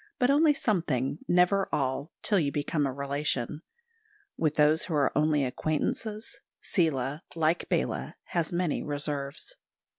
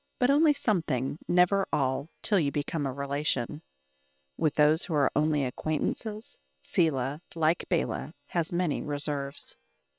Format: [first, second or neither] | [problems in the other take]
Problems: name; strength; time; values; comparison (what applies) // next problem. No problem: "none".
first | noise reduction (neural separator model SepFormer WHAM!)